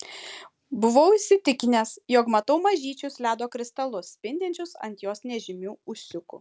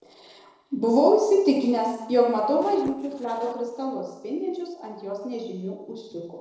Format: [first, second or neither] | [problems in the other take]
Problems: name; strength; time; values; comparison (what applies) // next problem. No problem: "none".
first | noise reduction (neural separator model SepFormer DNS4)